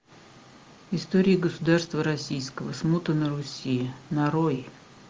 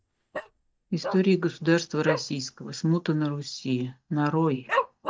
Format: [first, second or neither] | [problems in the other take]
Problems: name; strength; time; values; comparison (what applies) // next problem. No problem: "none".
first | noise reduction (neural mask model DeepFilterNet 3)